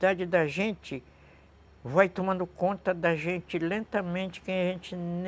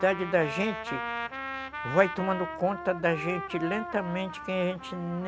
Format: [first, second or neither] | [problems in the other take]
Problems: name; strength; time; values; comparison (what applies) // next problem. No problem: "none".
first | background sound (Trumpet); 8 dB below the speech